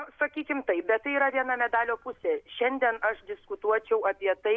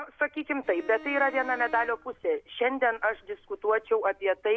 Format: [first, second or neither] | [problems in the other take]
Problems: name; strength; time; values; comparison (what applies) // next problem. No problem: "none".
first | background sound (Bowed string instrument); 17 dB below the speech